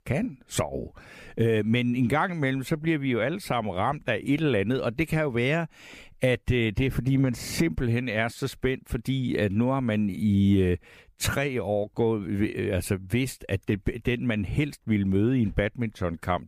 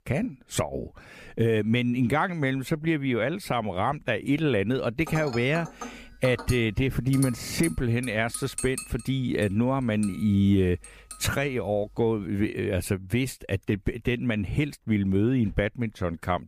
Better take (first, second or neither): first